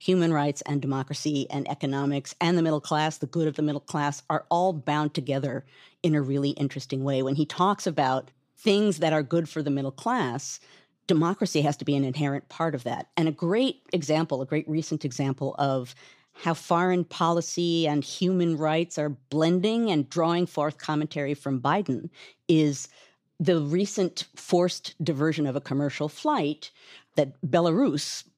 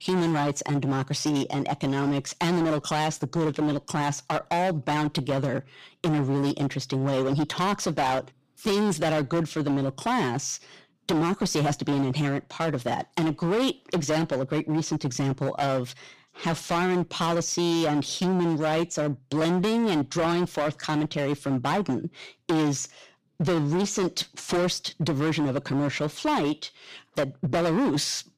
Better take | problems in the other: first | distortion; heavy; 20% of the sound clipped

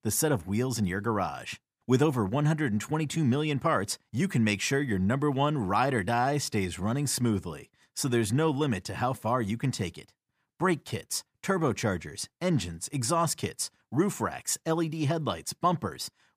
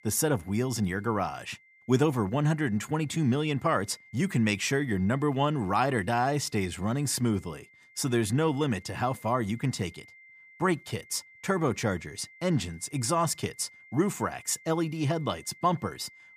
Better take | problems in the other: first | high-pitched whine; faint; throughout; 2 kHz, 25 dB below the speech

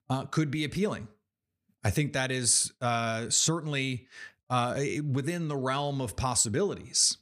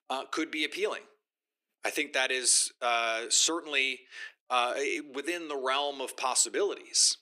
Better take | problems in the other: first | thin; very; fading below 350 Hz

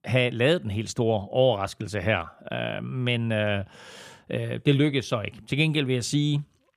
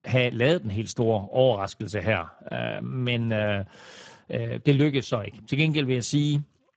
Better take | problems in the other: first | garbled, watery; badly; nothing above 7.5 kHz

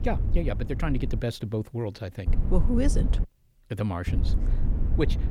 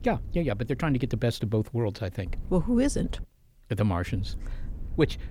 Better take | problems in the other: second | low rumble; loud; until 1 s, at 2.5 s and from 4 s on; 10 dB below the speech; faint in the second

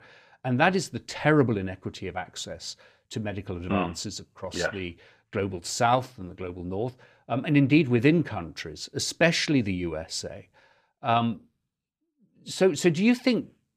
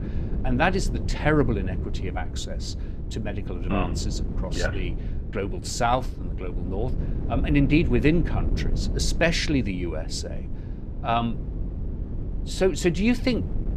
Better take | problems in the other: first | wind noise on the microphone; occasional gusts; 15 dB below the speech

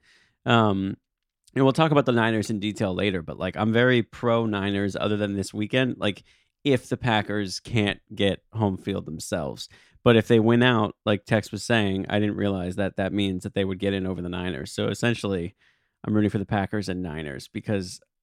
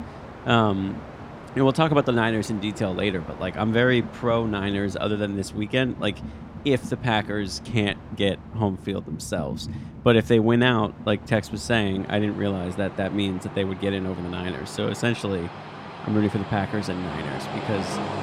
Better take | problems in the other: first | train or aircraft noise; noticeable; throughout; 15 dB below the speech

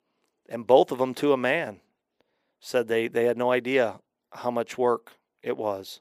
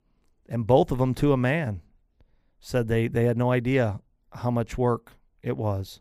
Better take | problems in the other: second | thin; somewhat; fading below 400 Hz

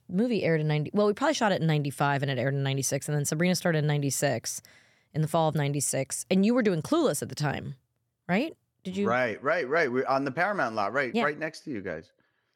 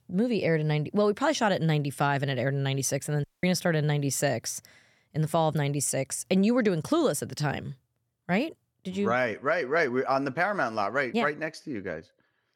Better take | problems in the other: first | audio cutting out; at 3 s

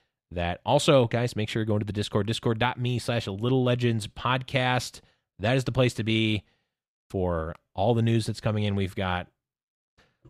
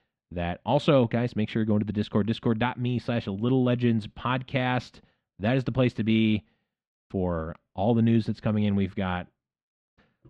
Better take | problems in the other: first | muffled; slightly; fading above 3 kHz

